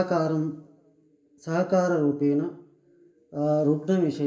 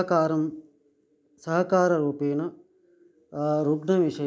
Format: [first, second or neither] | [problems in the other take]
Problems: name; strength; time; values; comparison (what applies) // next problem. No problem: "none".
second | room echo; dies away in 0.6 s